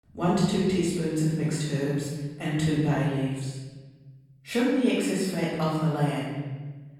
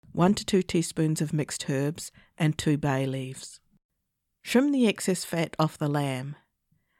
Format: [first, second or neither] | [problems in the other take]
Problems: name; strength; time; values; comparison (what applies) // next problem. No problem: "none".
second | room echo; strong; dies away in 1.2 s // off-mic speech; far